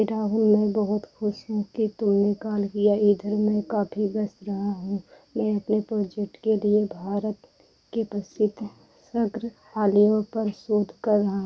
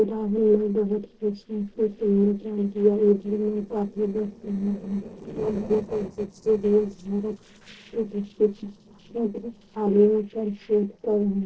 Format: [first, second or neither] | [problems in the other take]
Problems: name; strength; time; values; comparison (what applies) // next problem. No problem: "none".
first | noise reduction (neural separator model SepFormer DNS4)